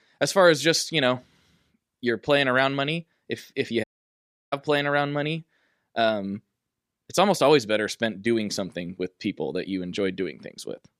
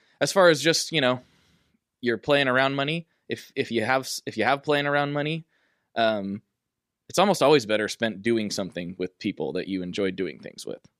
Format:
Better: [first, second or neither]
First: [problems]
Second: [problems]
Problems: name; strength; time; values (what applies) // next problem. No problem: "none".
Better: second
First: audio cutting out; at 4 s for 0.5 s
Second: none